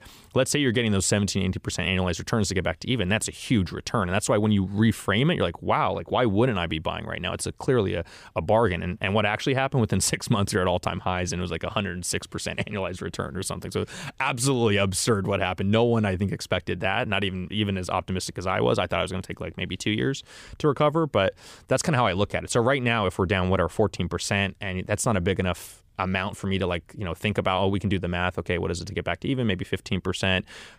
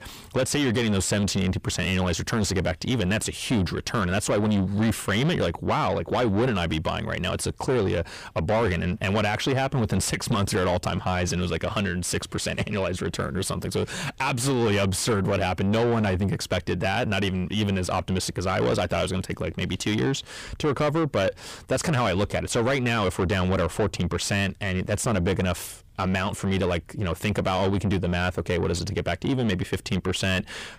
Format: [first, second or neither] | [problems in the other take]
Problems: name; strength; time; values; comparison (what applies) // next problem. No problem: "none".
first | distortion; heavy; 7 dB below the speech